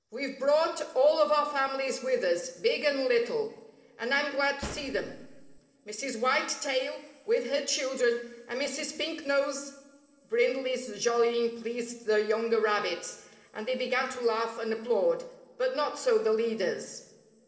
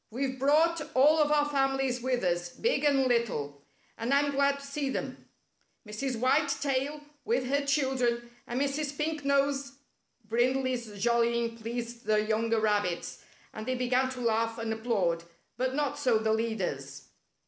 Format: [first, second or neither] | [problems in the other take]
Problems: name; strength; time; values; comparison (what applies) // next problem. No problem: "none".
second | noise reduction (neural separator model SepFormer DNS4)